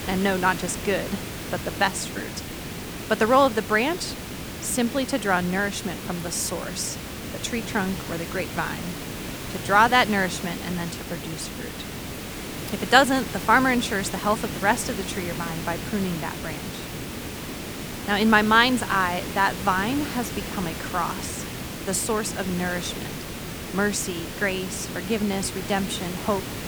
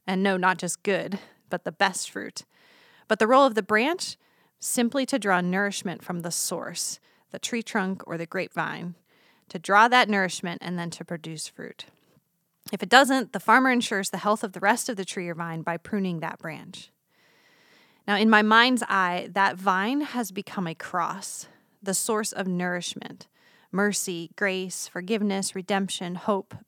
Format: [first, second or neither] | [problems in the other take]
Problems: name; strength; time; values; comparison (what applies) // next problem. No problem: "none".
second | hiss; loud; throughout; 8 dB below the speech